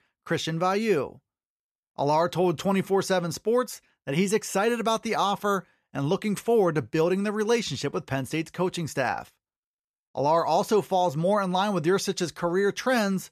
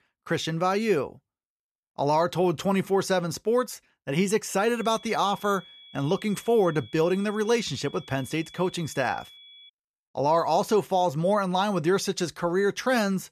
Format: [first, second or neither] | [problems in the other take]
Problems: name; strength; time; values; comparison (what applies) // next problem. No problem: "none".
first | high-pitched whine; faint; from 5 to 9.5 s; 3.5 kHz, 20 dB below the speech